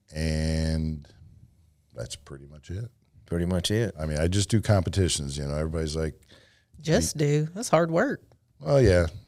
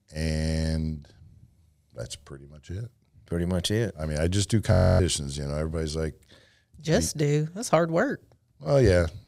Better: first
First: none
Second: audio freezing; at 4.5 s

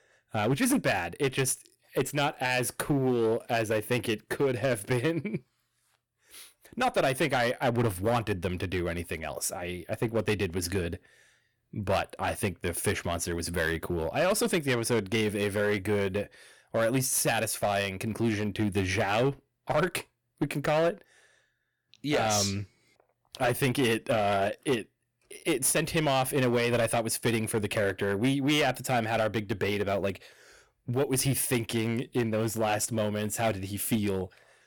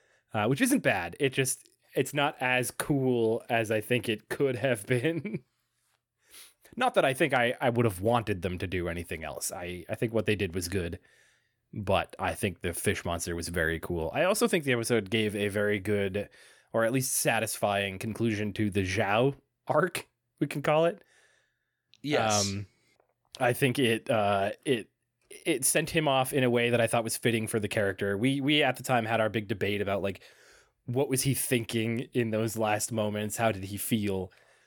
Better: second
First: distortion; slight; 6% of the sound clipped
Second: none

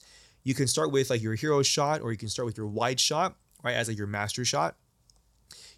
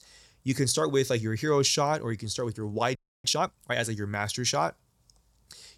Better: first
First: none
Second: audio freezing; at 3 s

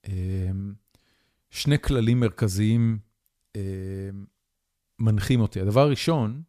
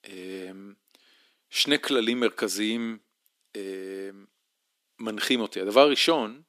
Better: first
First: none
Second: thin; somewhat; fading below 250 Hz

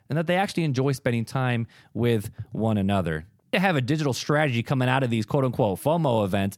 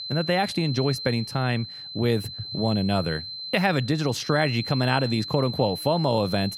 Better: first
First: none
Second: high-pitched whine; loud; throughout; 4 kHz, 8 dB below the speech

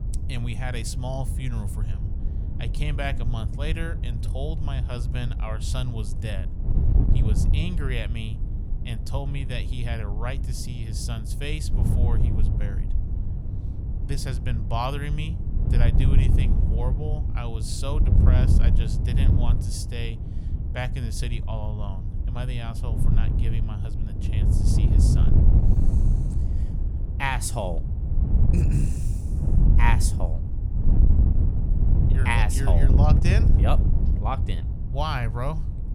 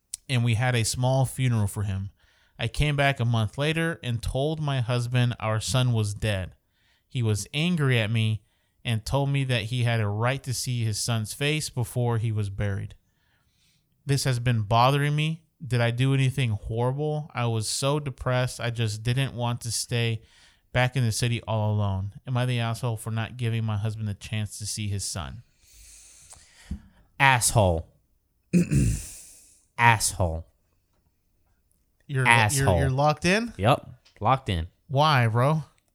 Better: second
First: wind noise on the microphone; heavy; 6 dB below the speech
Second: none

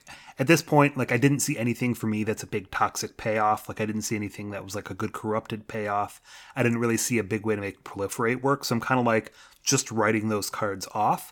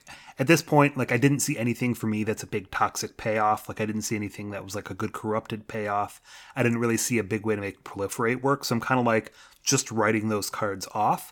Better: neither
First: none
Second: none

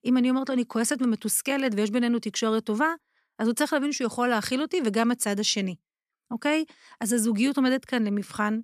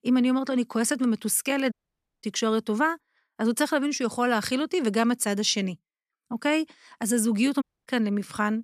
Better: first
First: none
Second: audio cutting out; at 1.5 s for 0.5 s and at 7.5 s

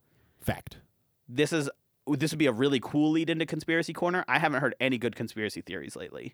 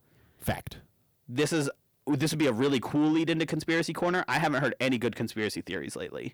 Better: first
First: none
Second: distortion; slight; 10 dB below the speech

